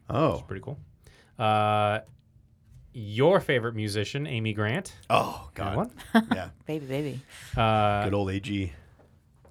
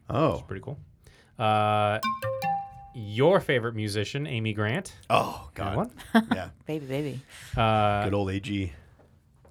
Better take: first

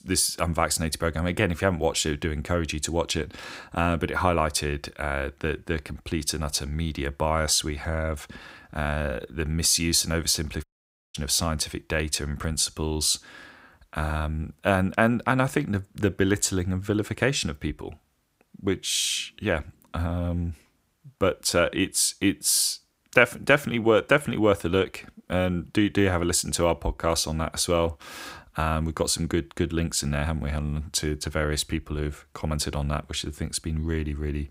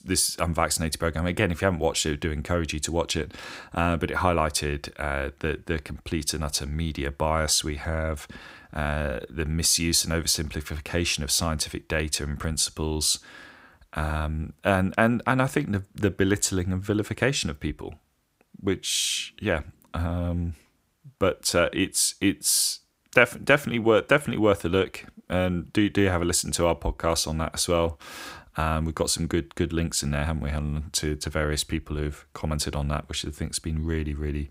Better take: second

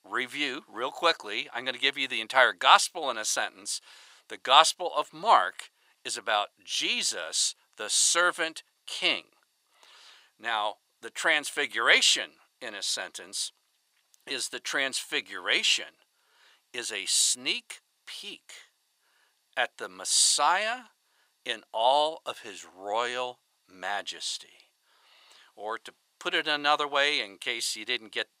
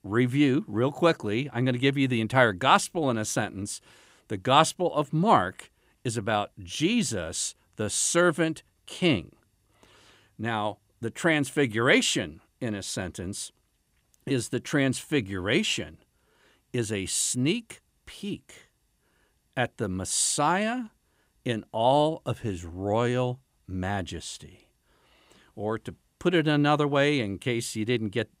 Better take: second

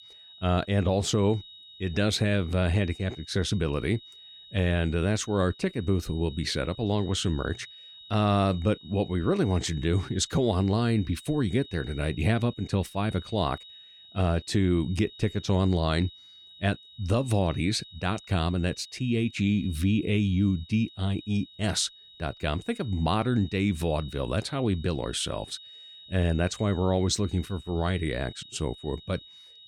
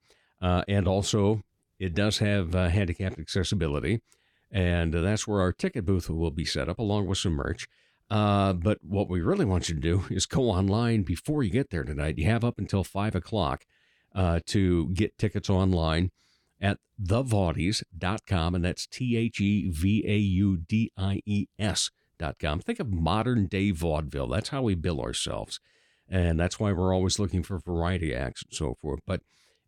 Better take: second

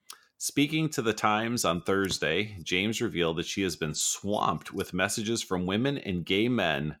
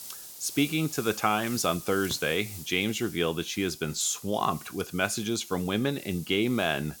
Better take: first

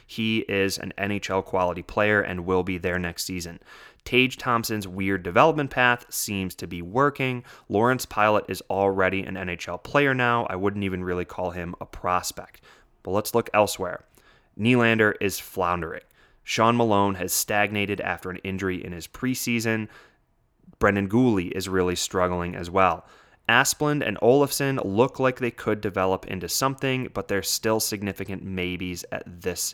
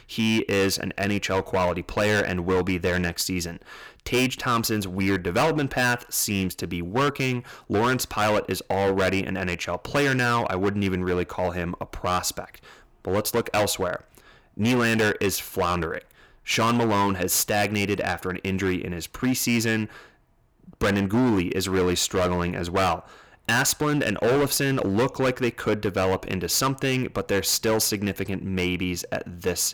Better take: first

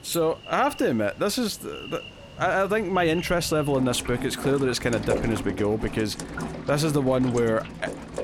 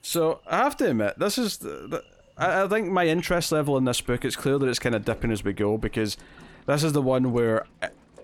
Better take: second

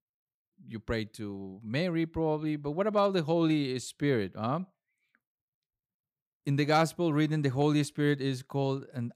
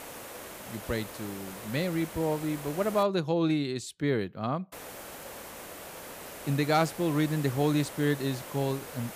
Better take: first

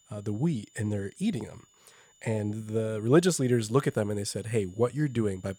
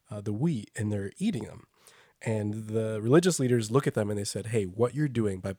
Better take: second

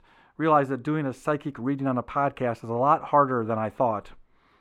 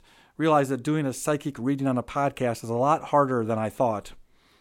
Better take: second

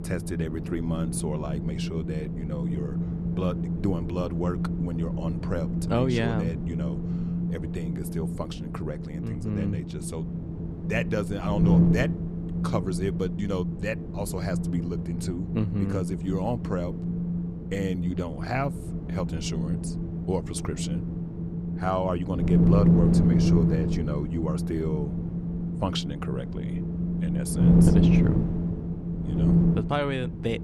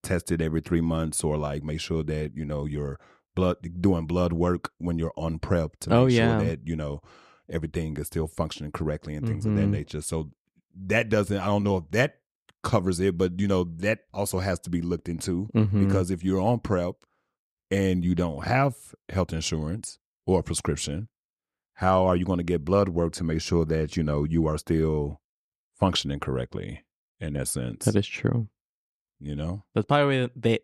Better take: second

